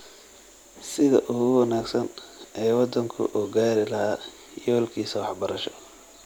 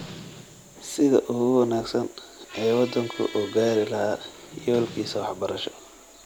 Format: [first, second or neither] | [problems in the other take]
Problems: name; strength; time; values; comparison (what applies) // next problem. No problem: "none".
first | background sound (Squeak); 18 dB below the speech